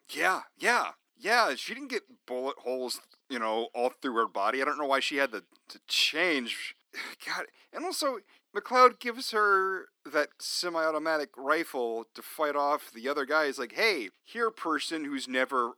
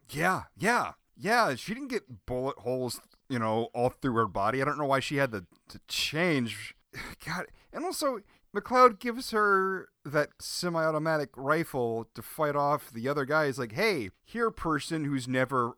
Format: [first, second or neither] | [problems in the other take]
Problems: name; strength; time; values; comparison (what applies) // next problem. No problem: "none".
second | thin; very slightly; fading below 250 Hz